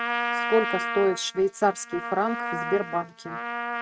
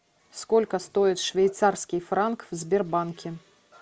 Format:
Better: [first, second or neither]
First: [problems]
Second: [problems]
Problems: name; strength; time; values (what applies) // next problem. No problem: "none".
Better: second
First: noise reduction (neural mask model RNNoise)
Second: none